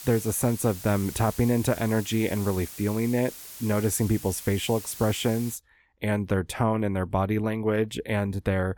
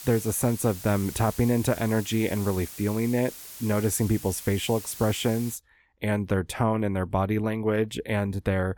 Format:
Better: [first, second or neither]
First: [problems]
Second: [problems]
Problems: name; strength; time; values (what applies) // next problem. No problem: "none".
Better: neither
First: hiss; noticeable; until 5.5 s; 15 dB below the speech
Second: hiss; noticeable; until 5.5 s; 15 dB below the speech